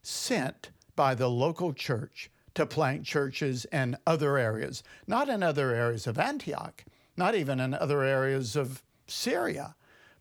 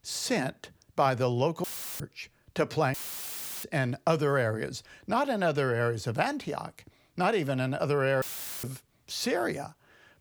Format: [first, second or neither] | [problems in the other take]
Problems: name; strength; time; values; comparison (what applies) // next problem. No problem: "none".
first | audio cutting out; filled with static; at 1.5 s, at 3 s for 0.5 s and at 8 s